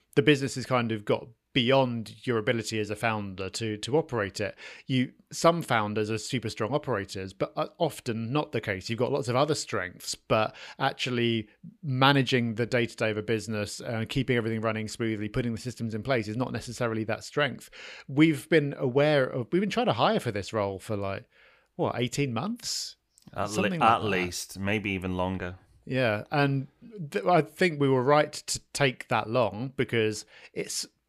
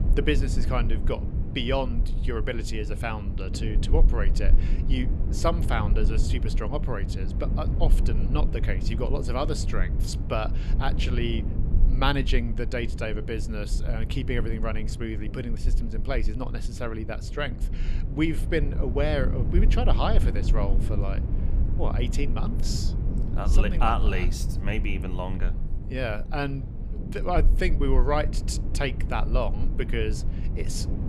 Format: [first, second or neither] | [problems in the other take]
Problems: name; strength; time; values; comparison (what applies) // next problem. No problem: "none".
first | low rumble; noticeable; throughout; 10 dB below the speech